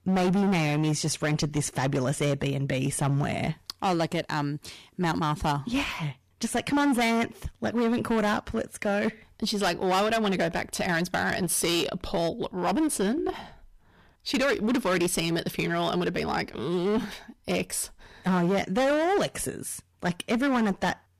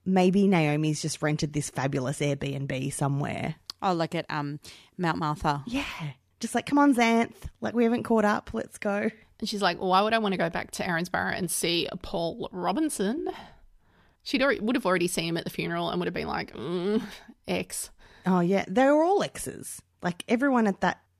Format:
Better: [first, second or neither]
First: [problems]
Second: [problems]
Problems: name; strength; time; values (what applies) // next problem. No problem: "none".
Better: second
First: distortion; heavy; 13% of the sound clipped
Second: none